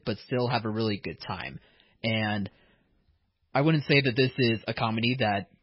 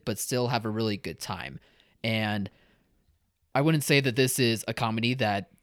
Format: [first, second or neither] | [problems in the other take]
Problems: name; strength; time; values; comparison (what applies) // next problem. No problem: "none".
second | garbled, watery; badly; nothing above 5 kHz